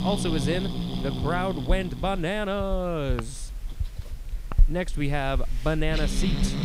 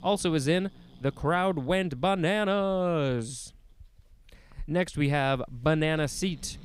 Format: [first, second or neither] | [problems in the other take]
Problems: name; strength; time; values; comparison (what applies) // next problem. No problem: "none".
second | hiss; loud; throughout; 2 dB below the speech; faint in the second